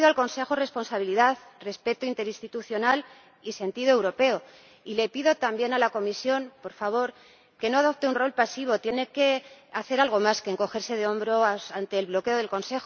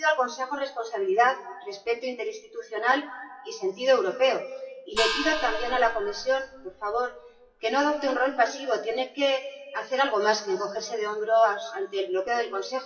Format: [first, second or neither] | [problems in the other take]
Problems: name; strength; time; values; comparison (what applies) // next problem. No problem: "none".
first | noise reduction (classical method WPE with log-MMSE)